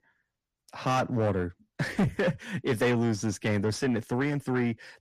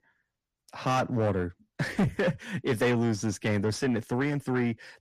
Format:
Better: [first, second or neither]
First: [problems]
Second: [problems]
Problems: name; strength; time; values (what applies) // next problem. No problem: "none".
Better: neither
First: distortion; heavy; 6 dB below the speech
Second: distortion; heavy; 6 dB below the speech